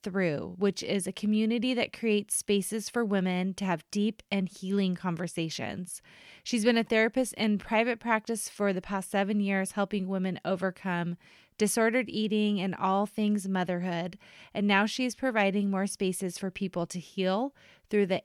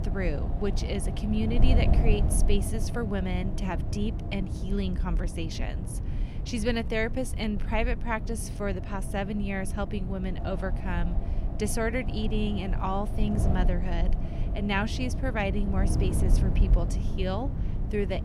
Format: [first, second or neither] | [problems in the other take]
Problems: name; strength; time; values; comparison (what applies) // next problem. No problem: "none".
first | wind noise on the microphone; heavy; 8 dB below the speech